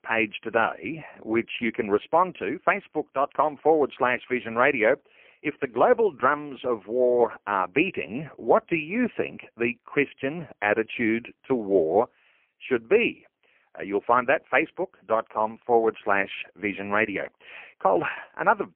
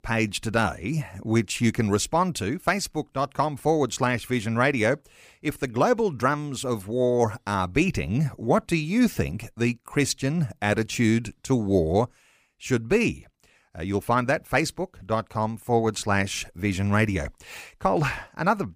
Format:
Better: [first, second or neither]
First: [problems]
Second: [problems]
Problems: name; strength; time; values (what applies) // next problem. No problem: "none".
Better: second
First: phone-call audio; poor line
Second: none